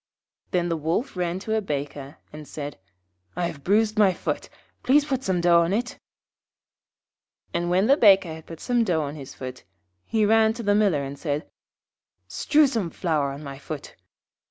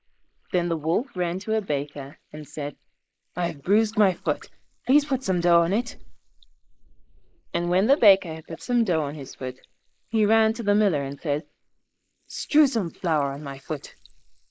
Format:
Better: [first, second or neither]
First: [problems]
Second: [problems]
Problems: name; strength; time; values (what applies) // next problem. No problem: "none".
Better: first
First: none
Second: noise reduction (neural mask model Resemble Enhance denoiser)